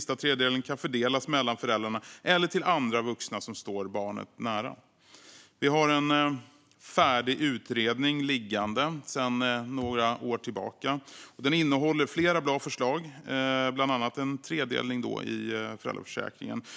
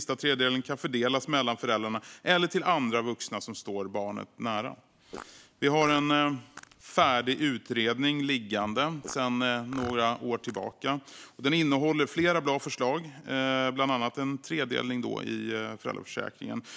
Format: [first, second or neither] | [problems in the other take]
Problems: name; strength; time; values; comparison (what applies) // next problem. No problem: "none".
first | background sound (Fart); 18 dB below the speech